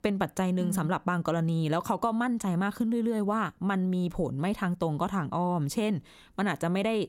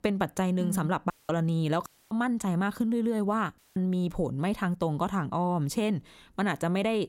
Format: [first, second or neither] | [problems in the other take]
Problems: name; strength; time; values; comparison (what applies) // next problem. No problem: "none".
first | audio cutting out; at 1 s, at 2 s and at 3.5 s